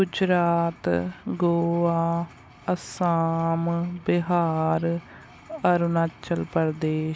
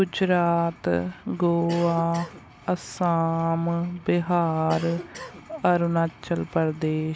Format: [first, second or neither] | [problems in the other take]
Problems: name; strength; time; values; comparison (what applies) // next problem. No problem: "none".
first | background sound (Cough); 16 dB below the speech